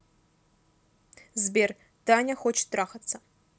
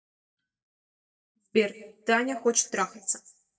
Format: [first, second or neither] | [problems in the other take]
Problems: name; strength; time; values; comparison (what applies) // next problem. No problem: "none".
first | noise reduction (neural mask model DeepFilterNet 3)